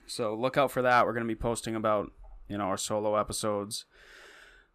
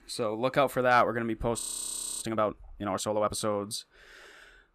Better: first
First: none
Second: audio freezing; at 1.5 s for 0.5 s

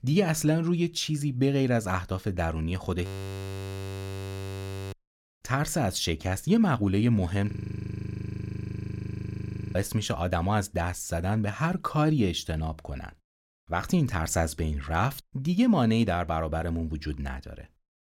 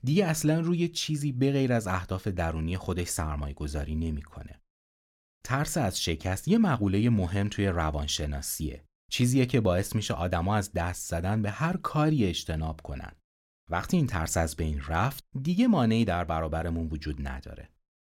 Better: second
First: audio freezing; at 3 s for 2 s and at 7.5 s for 2 s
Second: none

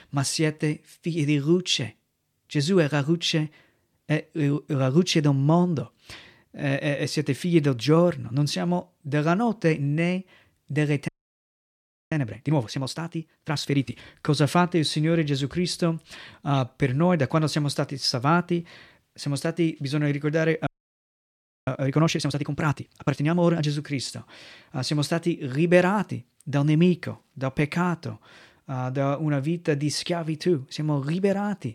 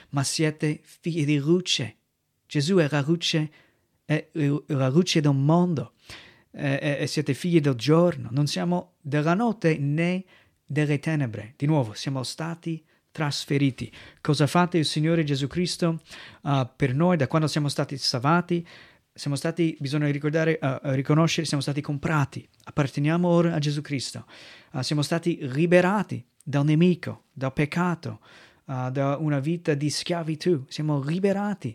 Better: second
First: audio freezing; at 11 s for 1 s and at 21 s for 1 s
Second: none

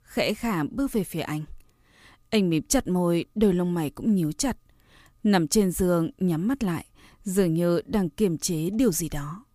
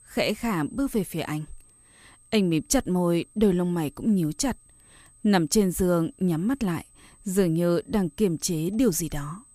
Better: first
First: none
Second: high-pitched whine; faint; throughout; 8.5 kHz, 30 dB below the speech

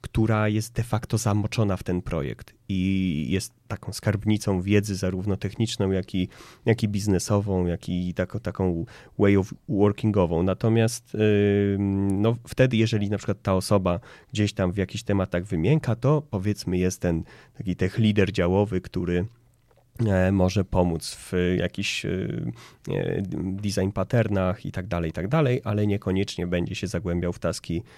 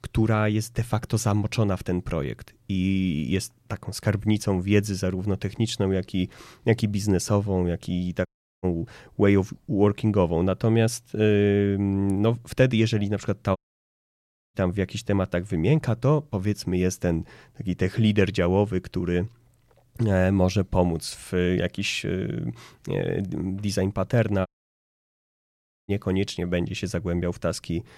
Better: first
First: none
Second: audio cutting out; at 8.5 s, at 14 s for 1 s and at 24 s for 1.5 s

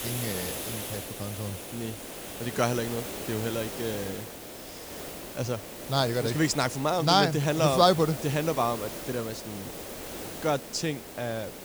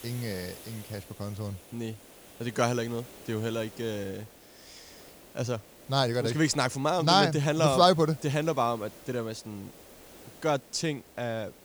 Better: second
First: hiss; loud; throughout; 9 dB below the speech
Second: hiss; faint; throughout; 20 dB below the speech

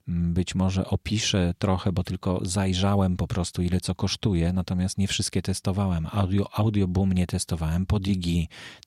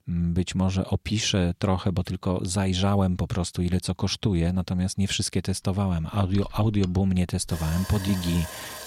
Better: first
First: none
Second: machinery noise; noticeable; from 6.5 s on; 15 dB below the speech

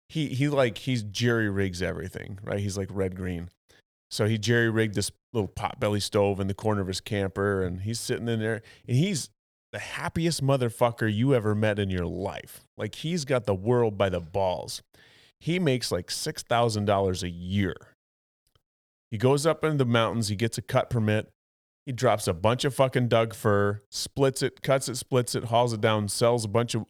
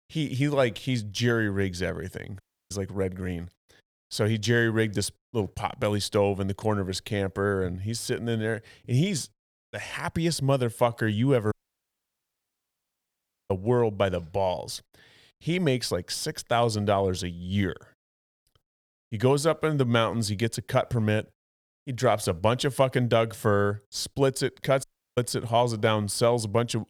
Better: first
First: none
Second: audio cutting out; at 2.5 s, at 12 s for 2 s and at 25 s

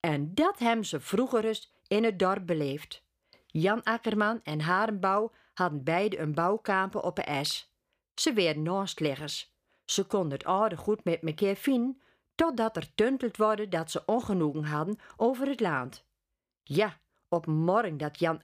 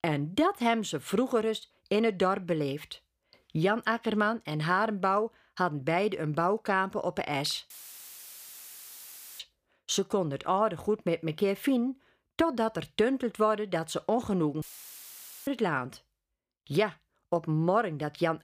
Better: first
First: none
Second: audio cutting out; filled with static; at 7.5 s for 1.5 s and at 15 s for 1 s

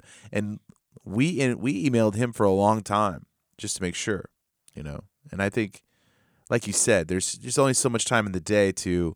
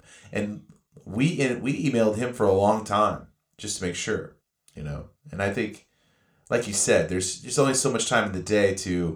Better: first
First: none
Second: room echo; very slight; dies away in 0.3 s

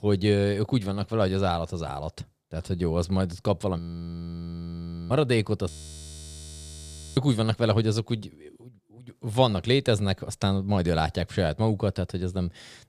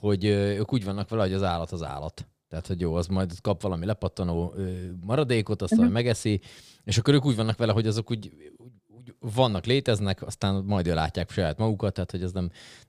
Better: second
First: audio freezing; at 4 s for 1.5 s and at 5.5 s for 1.5 s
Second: none

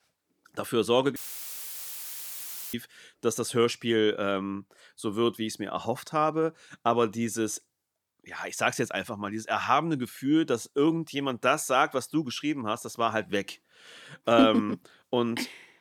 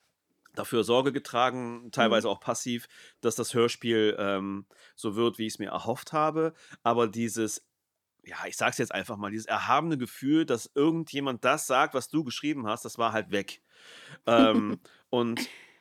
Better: second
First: audio cutting out; filled with static; at 1 s for 1.5 s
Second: none

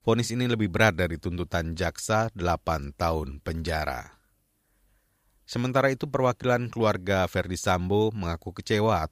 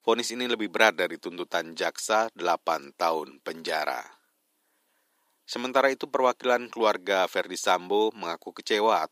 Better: first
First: none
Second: thin; somewhat; fading below 300 Hz

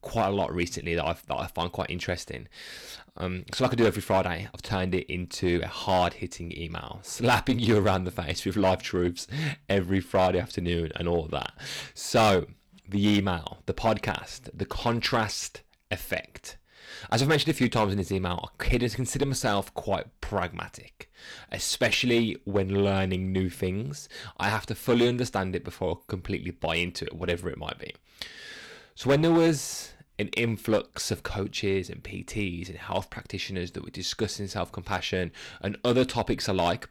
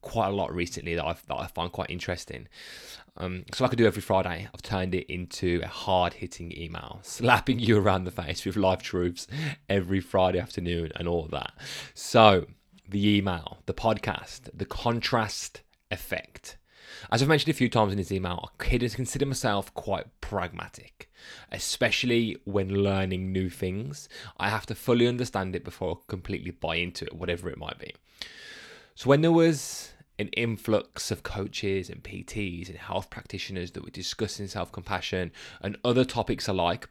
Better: second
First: distortion; slight; 3% of the sound clipped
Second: none

